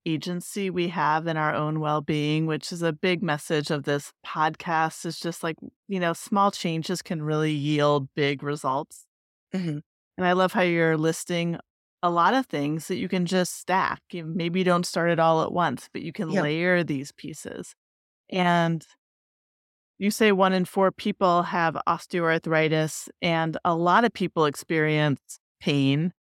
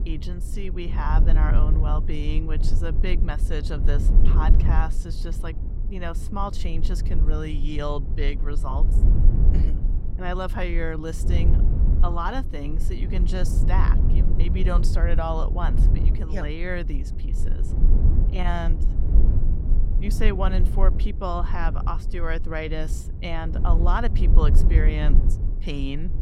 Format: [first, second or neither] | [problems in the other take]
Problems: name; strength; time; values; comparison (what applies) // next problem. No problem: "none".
first | low rumble; loud; throughout; 8 dB below the speech